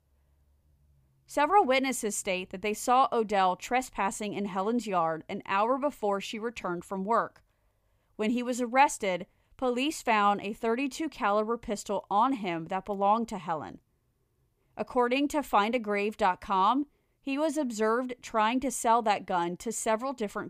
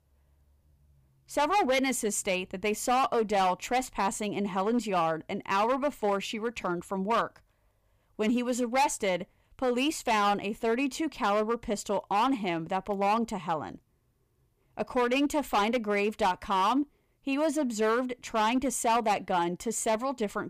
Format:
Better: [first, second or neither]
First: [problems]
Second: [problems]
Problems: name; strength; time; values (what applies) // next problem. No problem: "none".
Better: first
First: none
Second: distortion; slight; 6% of the sound clipped